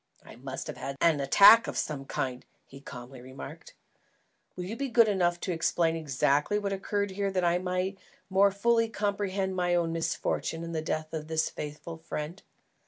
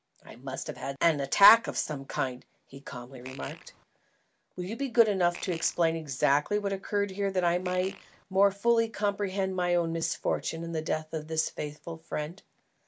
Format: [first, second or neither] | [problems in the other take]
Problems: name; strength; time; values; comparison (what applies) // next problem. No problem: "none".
first | background sound (Fart); 17 dB below the speech